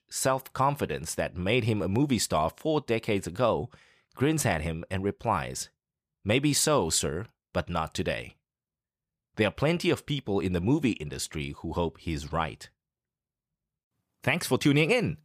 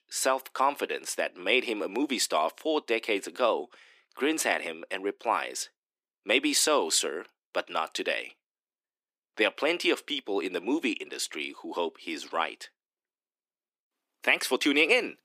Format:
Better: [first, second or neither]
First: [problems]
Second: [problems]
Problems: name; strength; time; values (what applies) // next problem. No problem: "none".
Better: first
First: none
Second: thin; somewhat; fading below 300 Hz